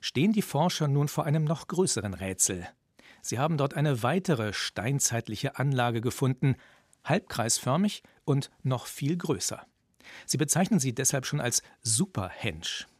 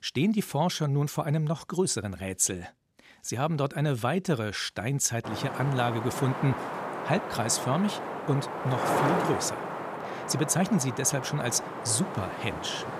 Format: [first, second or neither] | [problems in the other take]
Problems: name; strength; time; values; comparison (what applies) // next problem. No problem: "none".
first | wind noise on the microphone; heavy; from 5 s on; 1 dB below the speech